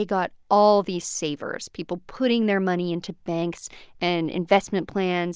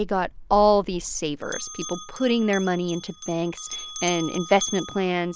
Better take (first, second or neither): first